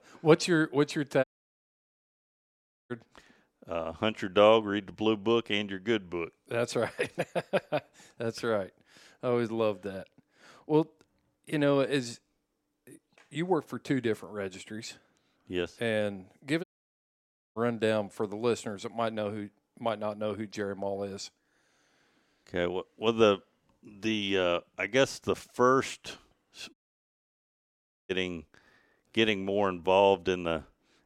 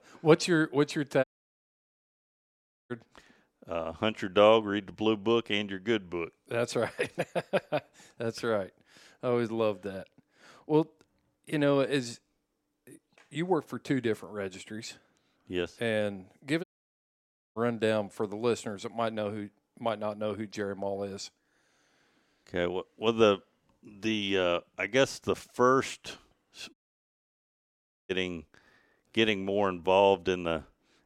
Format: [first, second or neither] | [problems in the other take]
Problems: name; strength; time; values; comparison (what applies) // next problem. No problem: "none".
neither | audio cutting out; at 1 s for 1.5 s, at 17 s for 1 s and at 27 s for 1.5 s; the same in both